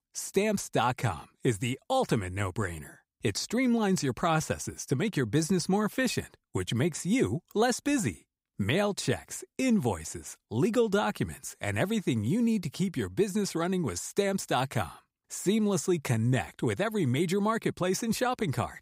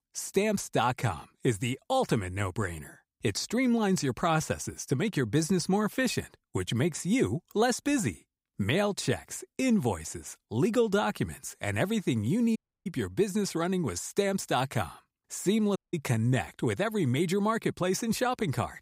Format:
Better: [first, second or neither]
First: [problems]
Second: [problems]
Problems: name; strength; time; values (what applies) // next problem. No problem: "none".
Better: first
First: none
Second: audio cutting out; at 13 s and at 16 s